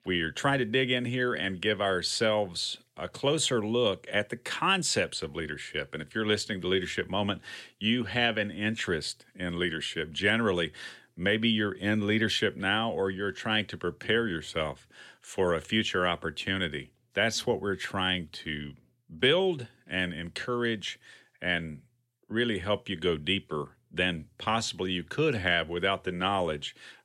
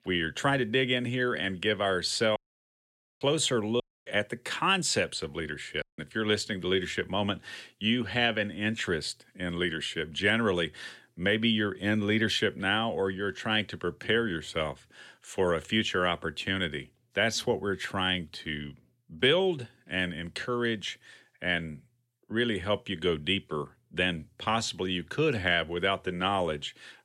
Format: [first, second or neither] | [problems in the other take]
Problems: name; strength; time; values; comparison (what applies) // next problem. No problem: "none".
first | audio cutting out; at 2.5 s for 1 s, at 4 s and at 6 s